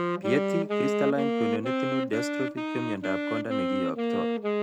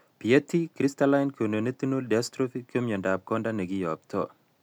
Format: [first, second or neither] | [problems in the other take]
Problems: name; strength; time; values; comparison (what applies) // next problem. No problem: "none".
second | background sound (Wind instrument, woodwind instrument); 4 dB above the speech